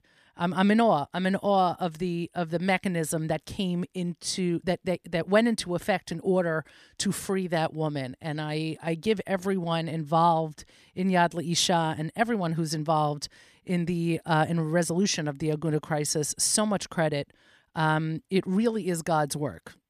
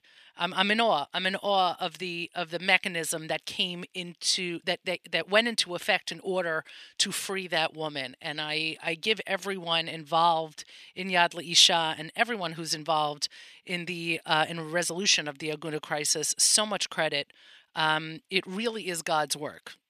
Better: first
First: none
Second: thin; somewhat; fading below 650 Hz

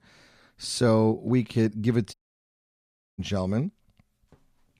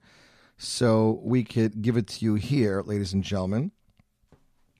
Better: second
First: audio cutting out; at 2 s for 1 s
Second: none

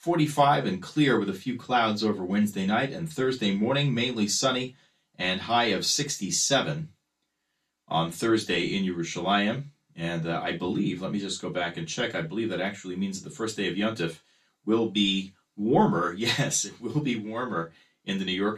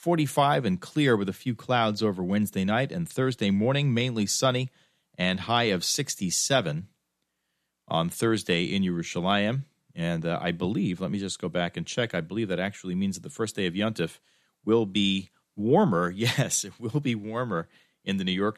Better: second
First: room echo; very slight; dies away in 0.2 s // off-mic speech; far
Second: none

